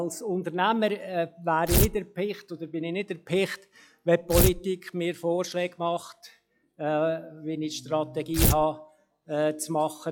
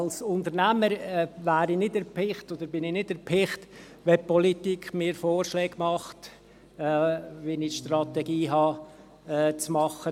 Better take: second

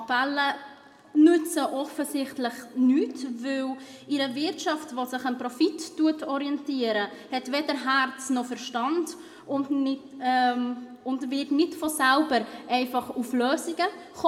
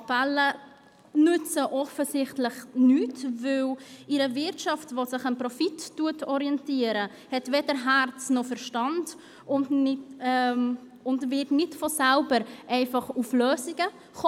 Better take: second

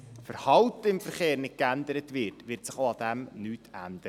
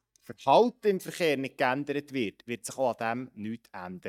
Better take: first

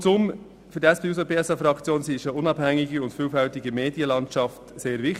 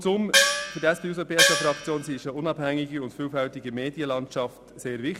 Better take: first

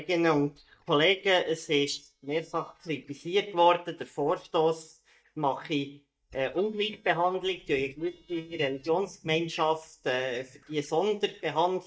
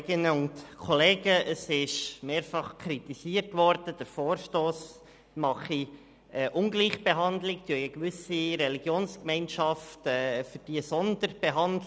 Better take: second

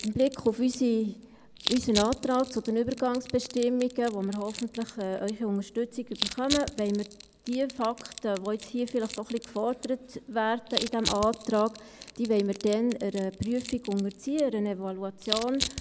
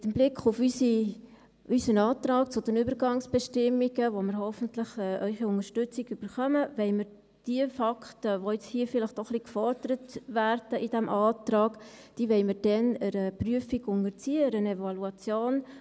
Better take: second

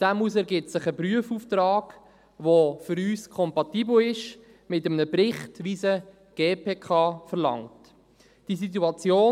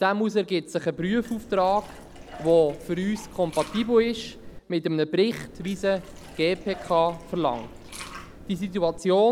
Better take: first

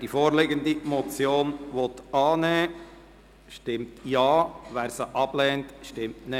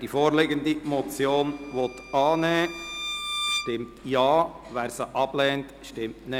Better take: first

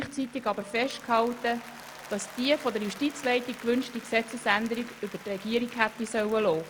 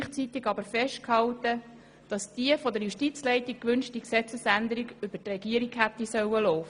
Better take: second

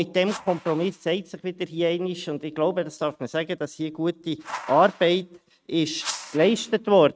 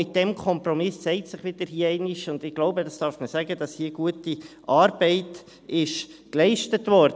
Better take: second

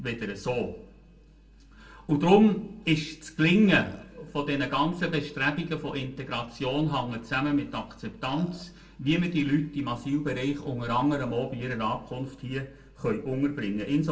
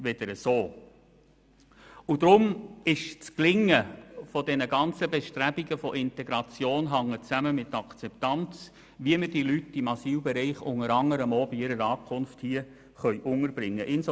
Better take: second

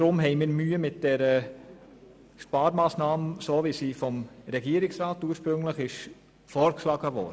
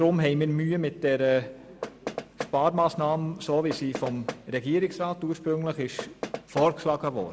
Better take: first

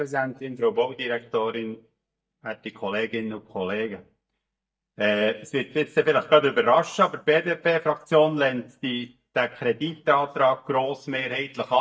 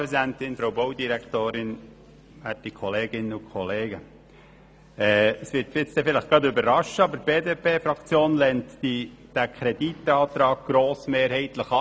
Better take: second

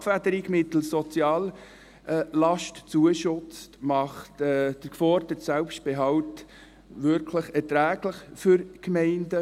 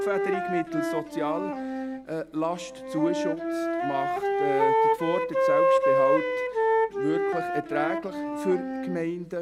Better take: first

